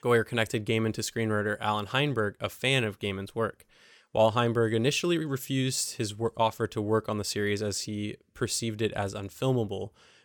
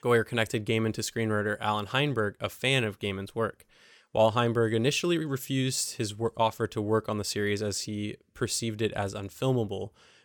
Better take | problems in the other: neither | none

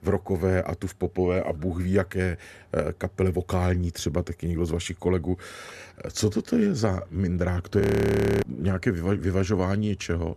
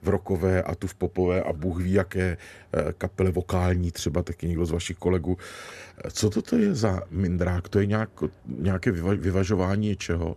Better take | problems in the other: second | audio freezing; at 8 s for 0.5 s

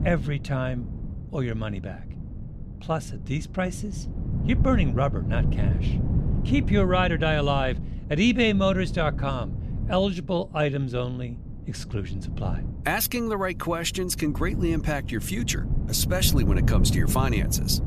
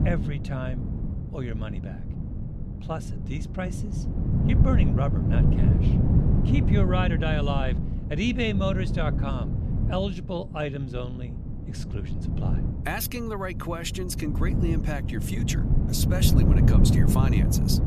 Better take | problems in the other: first | wind noise on the microphone; heavy; 3 dB below the speech; occasional gusts in the first

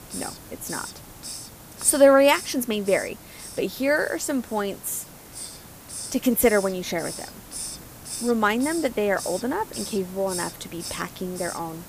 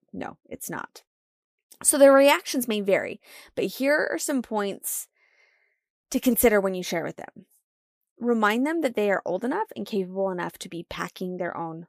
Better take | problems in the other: second | hiss; noticeable; throughout; 10 dB below the speech

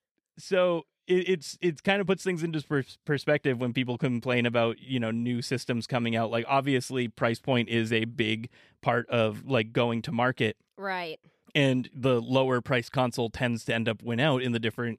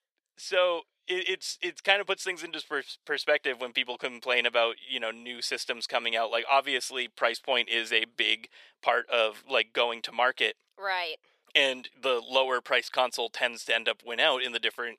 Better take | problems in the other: first | thin; very; fading below 550 Hz

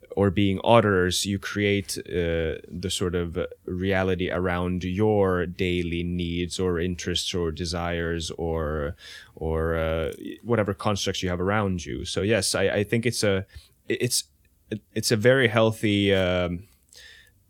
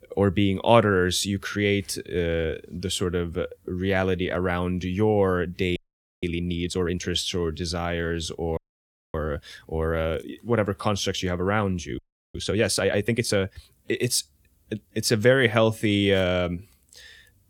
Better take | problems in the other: first | audio freezing; at 6 s, at 8.5 s for 0.5 s and at 12 s

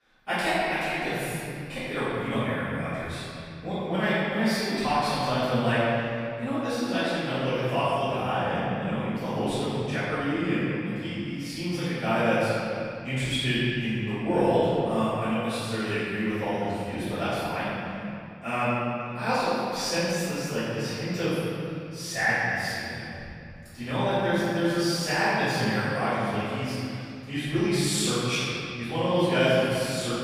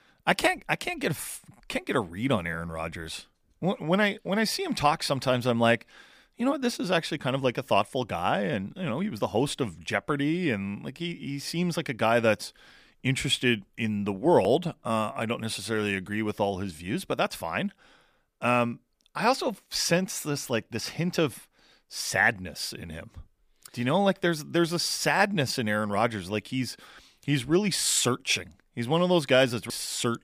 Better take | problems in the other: second | room echo; strong; dies away in 2.5 s // off-mic speech; far

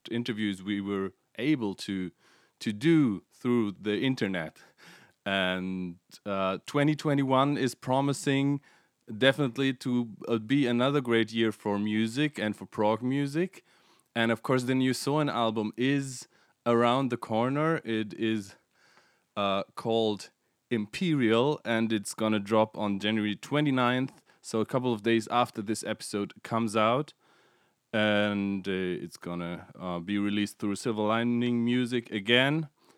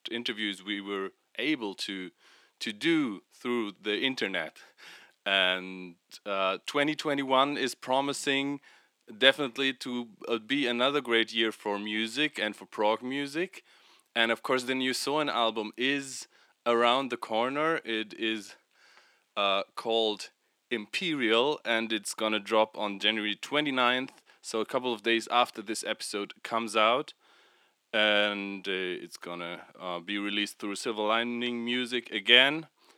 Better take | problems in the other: first | thin; somewhat; fading below 350 Hz

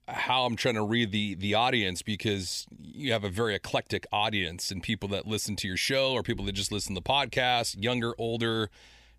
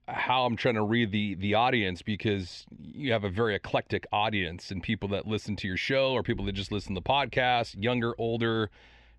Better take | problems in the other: first | muffled; slightly; fading above 2.5 kHz

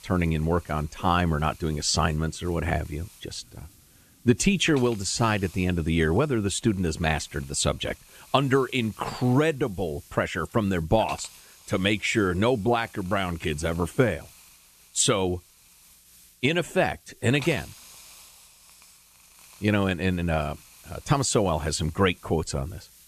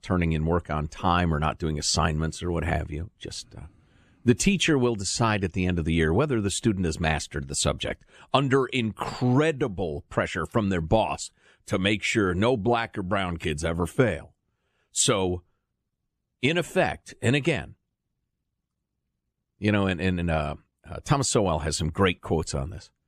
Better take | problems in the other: second | hiss; faint; throughout; 25 dB below the speech

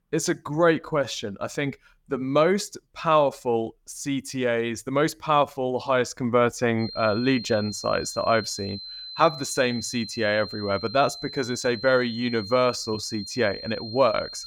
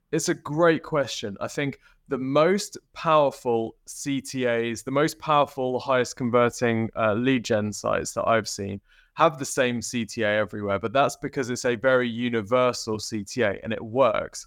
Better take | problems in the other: second | high-pitched whine; noticeable; from 7 s on; 4 kHz, 10 dB below the speech

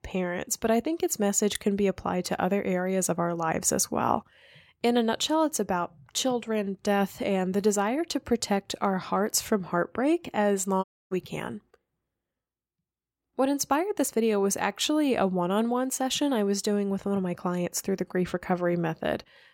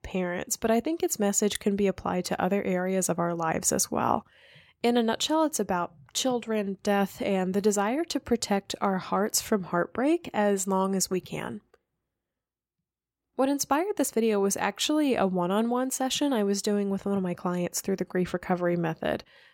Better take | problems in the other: second | audio cutting out; at 11 s

